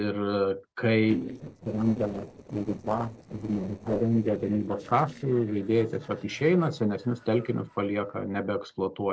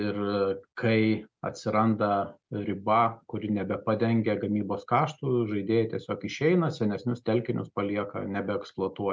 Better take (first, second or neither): second